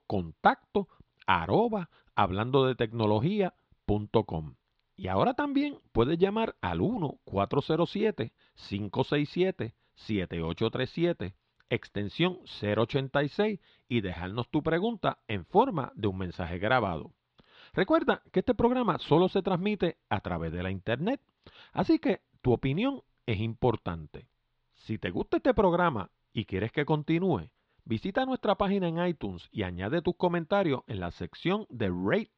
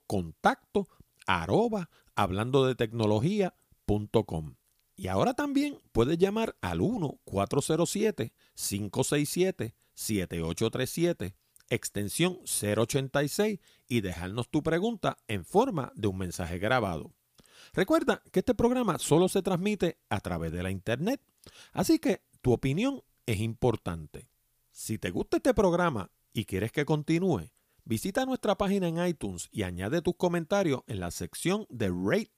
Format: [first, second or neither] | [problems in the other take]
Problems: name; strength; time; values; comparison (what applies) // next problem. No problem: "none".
second | muffled; slightly; fading above 4 kHz